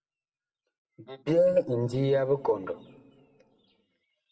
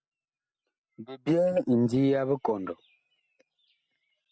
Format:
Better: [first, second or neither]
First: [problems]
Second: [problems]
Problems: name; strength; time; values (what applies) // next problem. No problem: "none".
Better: second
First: room echo; dies away in 0.7 s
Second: none